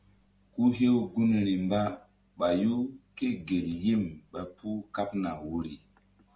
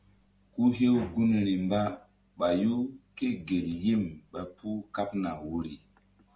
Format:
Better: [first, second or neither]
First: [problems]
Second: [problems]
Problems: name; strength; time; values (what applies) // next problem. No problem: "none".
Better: first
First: none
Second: background sound (Bowed string instrument); 19 dB below the speech